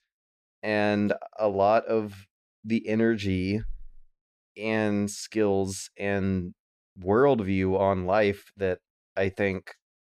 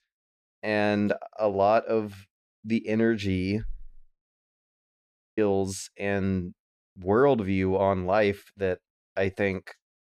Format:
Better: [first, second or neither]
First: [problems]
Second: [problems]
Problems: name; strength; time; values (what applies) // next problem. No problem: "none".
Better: first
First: none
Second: audio cutting out; at 4 s for 1.5 s